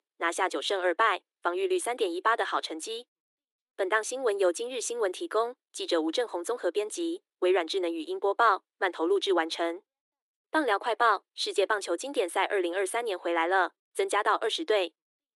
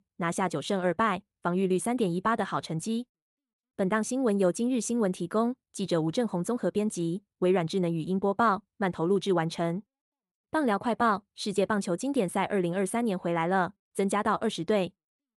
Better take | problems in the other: second | thin; very; fading below 300 Hz

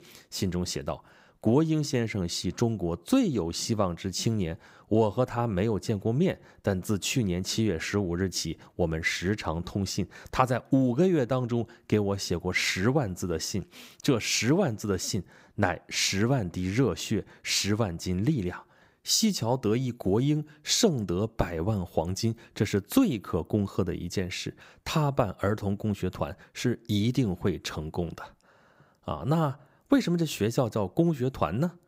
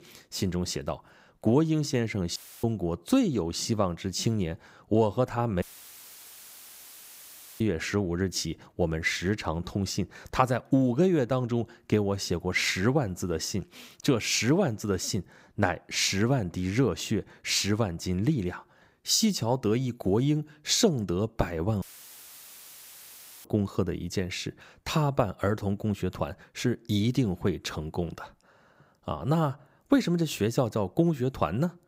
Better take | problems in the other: first | audio cutting out; filled with static; at 2.5 s, at 5.5 s for 2 s and at 22 s for 1.5 s

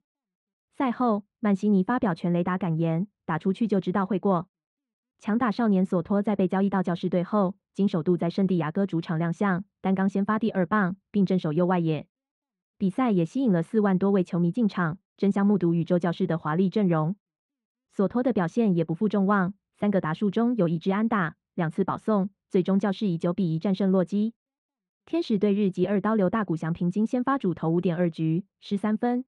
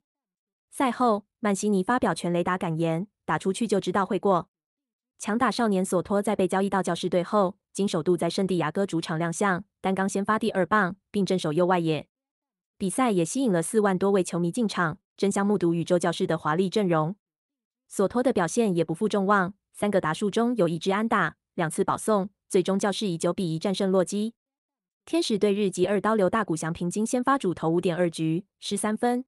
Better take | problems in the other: second | muffled; slightly; fading above 3 kHz

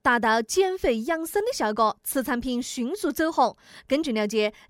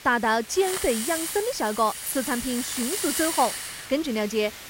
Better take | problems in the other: first | hiss; loud; throughout; 4 dB below the speech

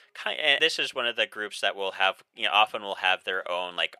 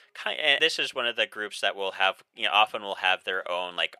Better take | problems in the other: neither | thin; very; fading below 500 Hz; the same in both

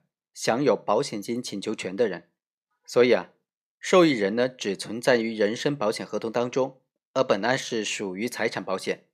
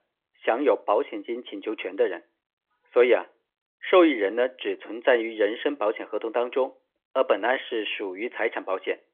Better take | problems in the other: first | phone-call audio; nothing above 3.5 kHz

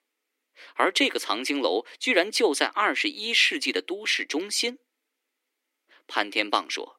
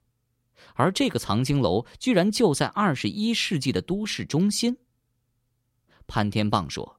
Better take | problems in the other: second | thin; somewhat; fading below 300 Hz

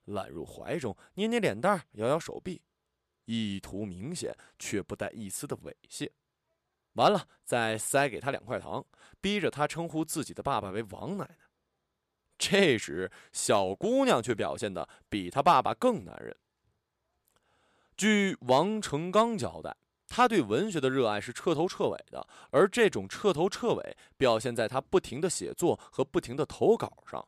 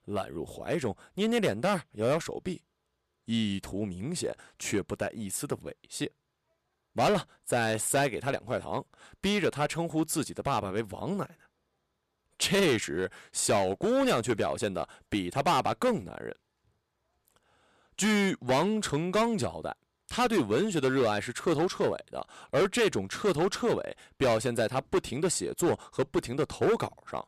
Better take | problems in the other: first | distortion; heavy; 7% of the sound clipped

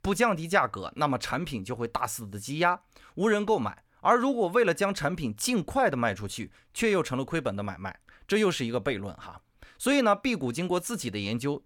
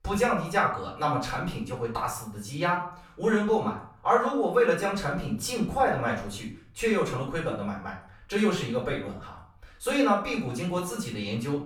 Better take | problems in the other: first | off-mic speech; far // room echo; slight; dies away in 0.4 s

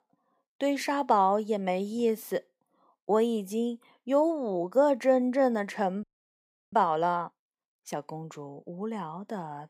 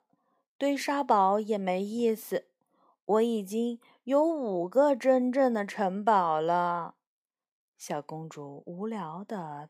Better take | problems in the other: second | audio freezing; at 6 s for 0.5 s

